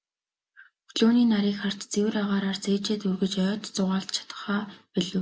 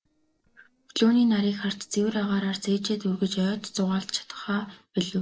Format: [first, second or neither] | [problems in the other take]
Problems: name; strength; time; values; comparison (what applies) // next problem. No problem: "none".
first | noise reduction (neural separator model SepFormer DNS4)